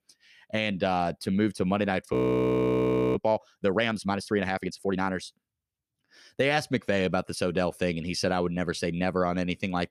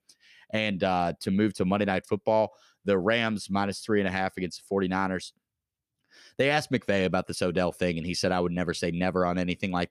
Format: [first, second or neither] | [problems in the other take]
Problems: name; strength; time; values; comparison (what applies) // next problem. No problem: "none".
second | audio freezing; at 2 s for 1 s